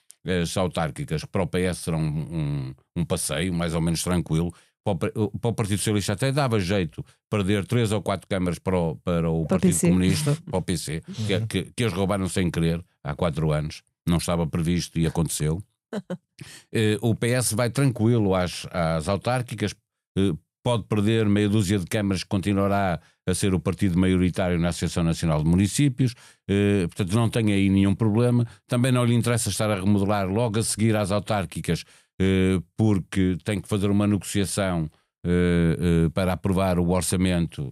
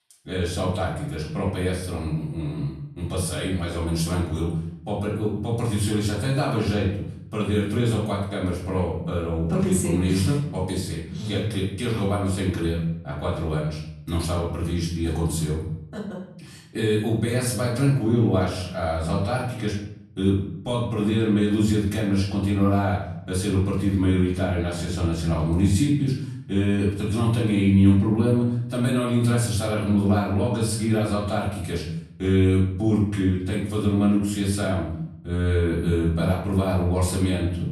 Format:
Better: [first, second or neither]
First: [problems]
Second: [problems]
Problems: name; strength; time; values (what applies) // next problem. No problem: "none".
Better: first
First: none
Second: off-mic speech; far // room echo; noticeable; dies away in 0.6 s